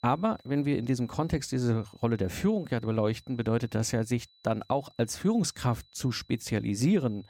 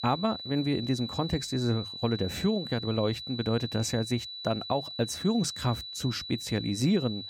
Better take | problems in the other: first | high-pitched whine; loud; throughout; 4 kHz, 8 dB below the speech; faint in the first

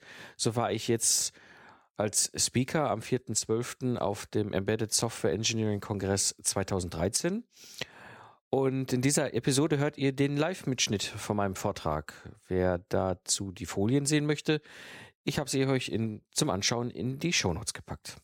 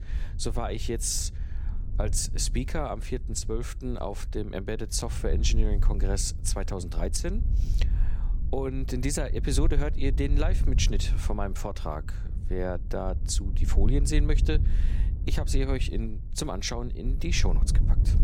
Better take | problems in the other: first | wind noise on the microphone; occasional gusts; 15 dB below the speech

